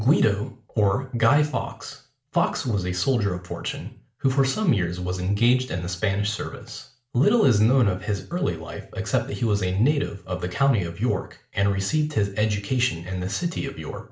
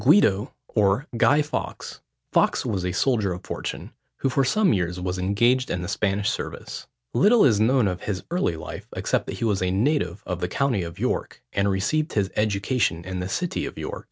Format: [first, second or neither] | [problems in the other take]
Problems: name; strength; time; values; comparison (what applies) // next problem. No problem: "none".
second | room echo; dies away in 0.4 s